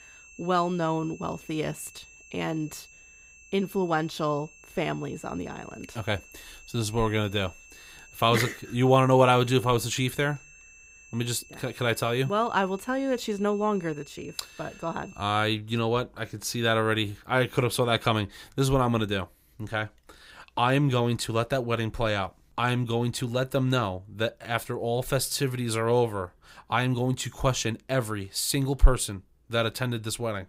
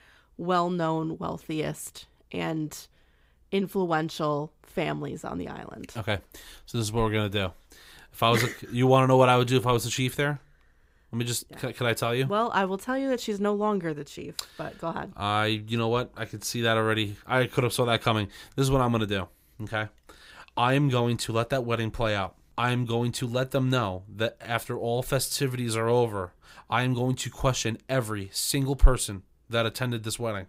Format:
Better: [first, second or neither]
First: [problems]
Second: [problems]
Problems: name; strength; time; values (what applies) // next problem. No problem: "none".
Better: second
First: high-pitched whine; faint; until 15 s; 2.5 kHz, 20 dB below the speech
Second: none